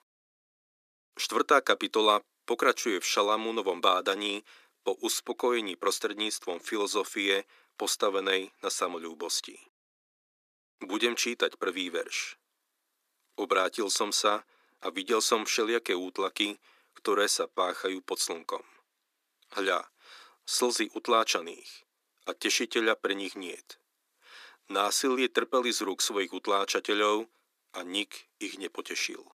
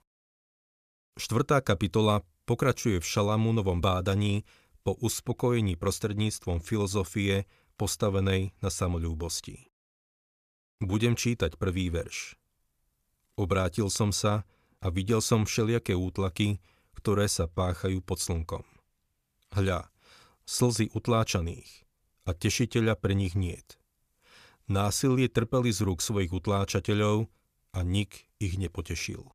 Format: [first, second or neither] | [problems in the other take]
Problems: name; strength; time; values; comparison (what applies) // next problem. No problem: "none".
second | thin; very; fading below 300 Hz